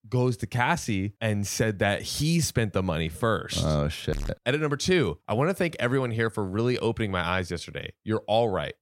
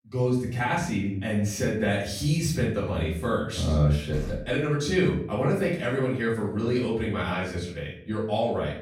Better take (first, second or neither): first